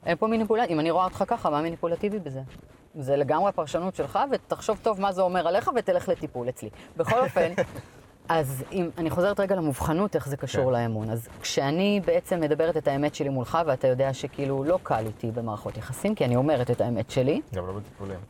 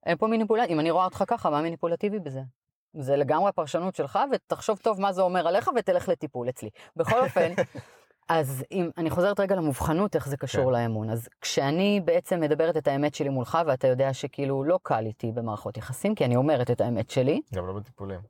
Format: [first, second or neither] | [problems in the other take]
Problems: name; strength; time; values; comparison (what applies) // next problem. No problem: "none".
second | wind noise on the microphone; occasional gusts; 25 dB below the speech